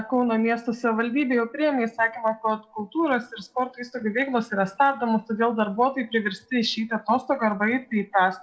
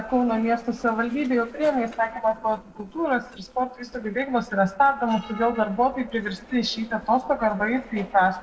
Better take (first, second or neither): first